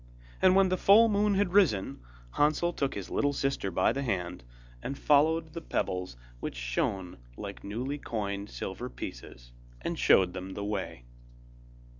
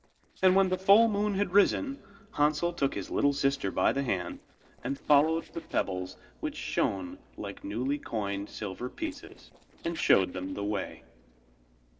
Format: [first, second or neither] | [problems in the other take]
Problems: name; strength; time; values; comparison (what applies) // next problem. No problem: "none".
first | noise reduction (neural separator model SepFormer DNS4)